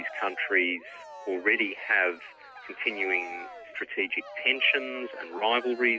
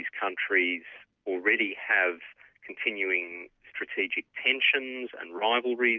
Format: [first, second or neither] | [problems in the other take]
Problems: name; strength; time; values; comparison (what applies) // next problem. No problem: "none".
second | background sound (Cheering); 15 dB below the speech